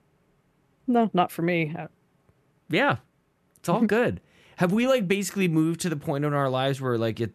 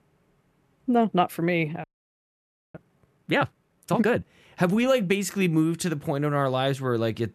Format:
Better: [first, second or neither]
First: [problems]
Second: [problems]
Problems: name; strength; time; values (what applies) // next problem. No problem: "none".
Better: first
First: none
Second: audio freezing; at 2 s for 1 s